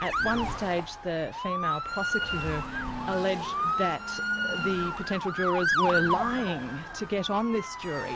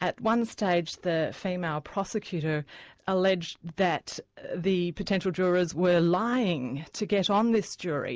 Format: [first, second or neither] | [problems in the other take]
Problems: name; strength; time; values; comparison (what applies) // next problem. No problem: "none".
second | background sound (Motor vehicle (road) / Siren); as loud as the speech